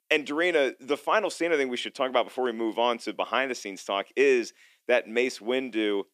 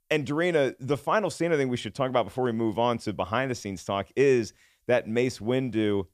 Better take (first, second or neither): second